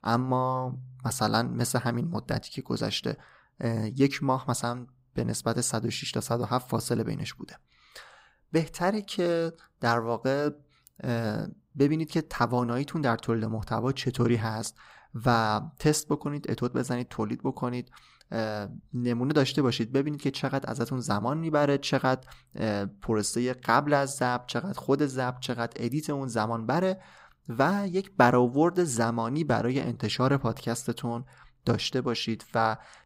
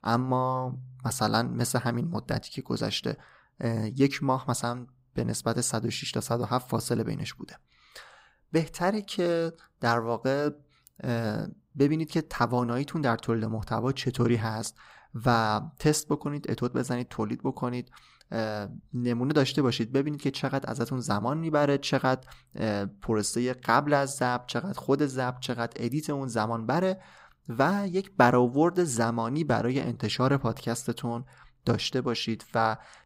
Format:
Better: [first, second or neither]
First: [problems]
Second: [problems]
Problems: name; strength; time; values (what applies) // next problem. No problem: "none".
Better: neither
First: none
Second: none